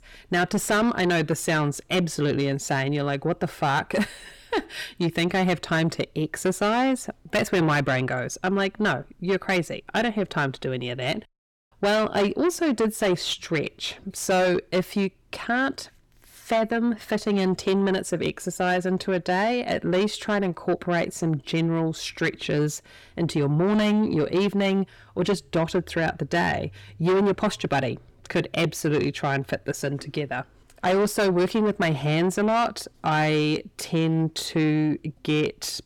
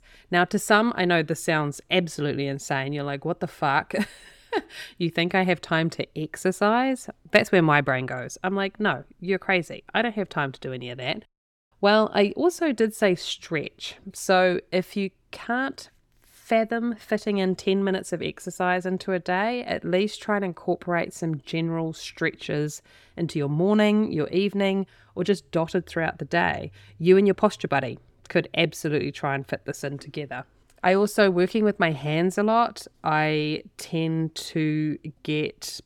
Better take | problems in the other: second | distortion; heavy; 7 dB below the speech

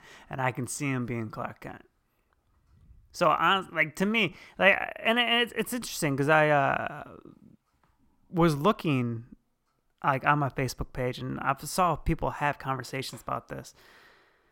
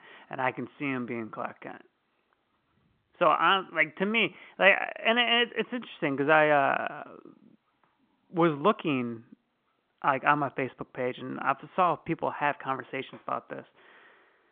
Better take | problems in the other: first | phone-call audio; nothing above 3 kHz

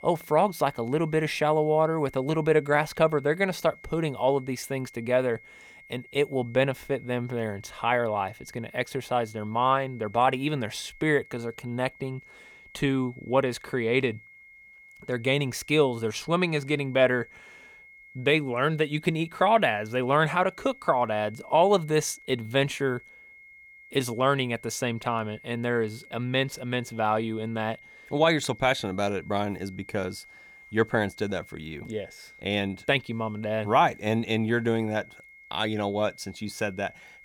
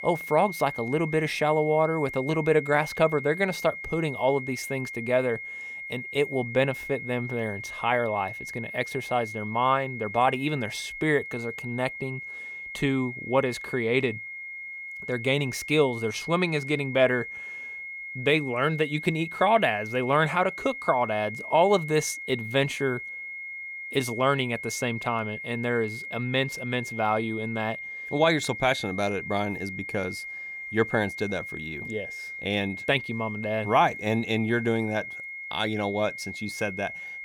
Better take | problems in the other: first | high-pitched whine; loud; throughout; 2 kHz, 9 dB below the speech; faint in the first

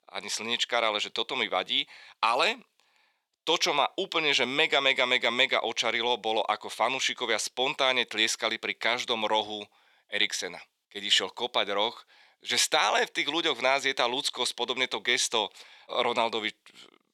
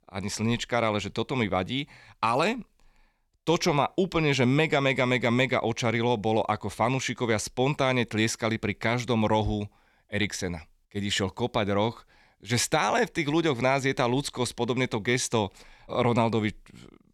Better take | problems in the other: second | thin; somewhat; fading below 500 Hz

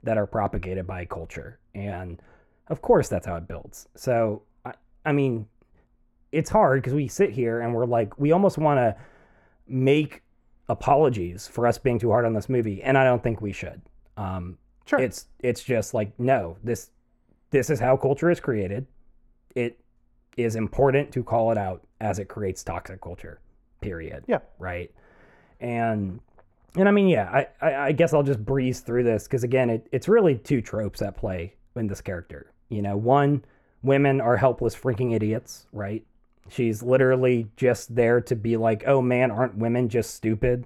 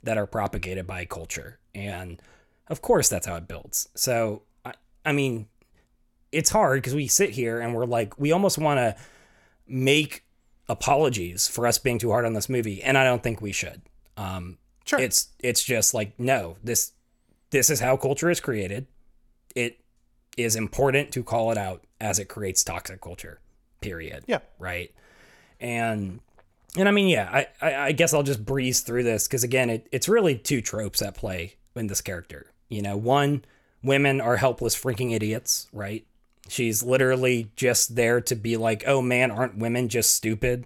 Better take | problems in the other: second | muffled; very; fading above 2.5 kHz

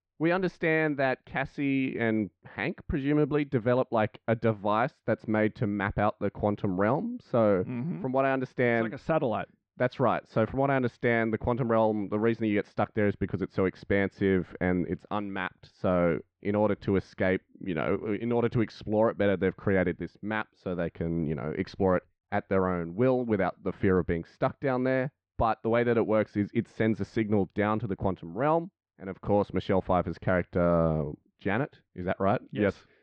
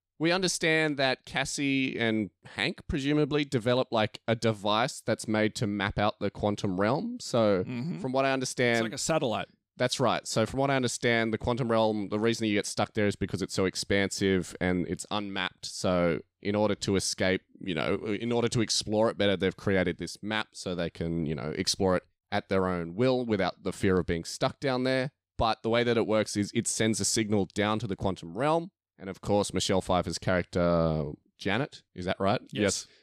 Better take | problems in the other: second | muffled; very; fading above 2 kHz

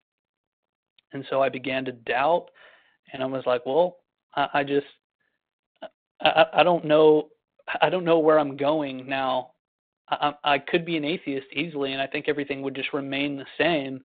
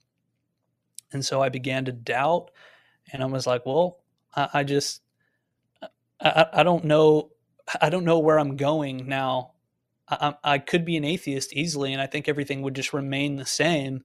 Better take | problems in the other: second | phone-call audio; nothing above 4 kHz

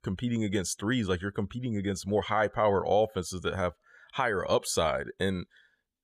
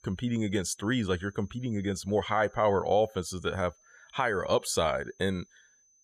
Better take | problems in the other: first | high-pitched whine; faint; throughout; 6.5 kHz, 30 dB below the speech

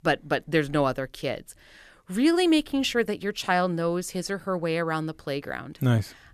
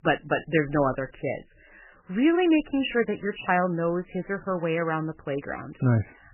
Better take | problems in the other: first | garbled, watery; badly; nothing above 3 kHz

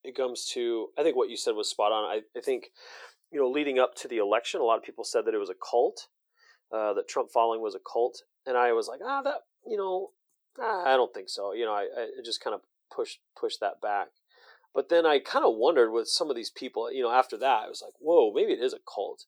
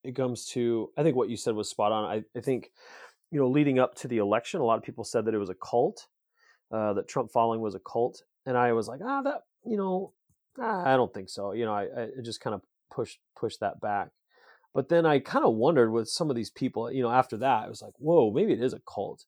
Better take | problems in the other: second | thin; somewhat; fading below 400 Hz

